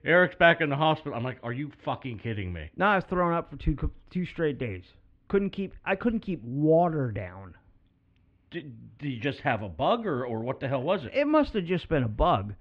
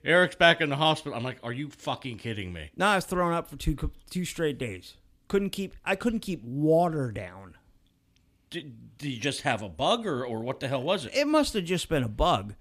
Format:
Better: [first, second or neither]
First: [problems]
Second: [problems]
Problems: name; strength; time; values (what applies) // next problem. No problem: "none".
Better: second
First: muffled; very; fading above 2.5 kHz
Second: none